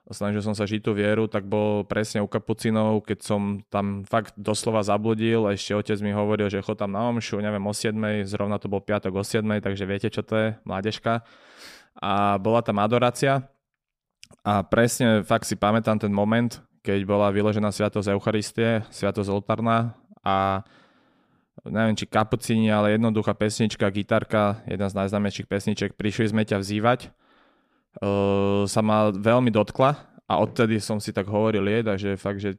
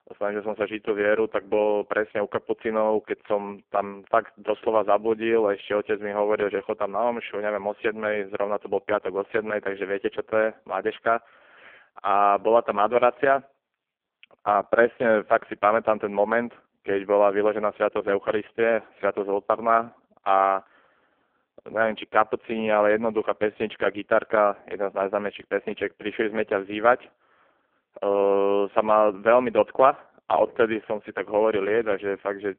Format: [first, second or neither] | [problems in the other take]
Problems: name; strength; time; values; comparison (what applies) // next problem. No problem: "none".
first | phone-call audio; poor line